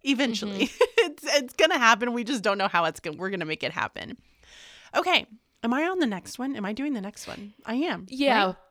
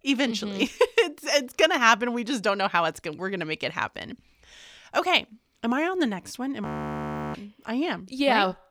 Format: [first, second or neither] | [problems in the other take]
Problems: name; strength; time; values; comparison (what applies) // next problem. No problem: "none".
first | audio freezing; at 6.5 s for 0.5 s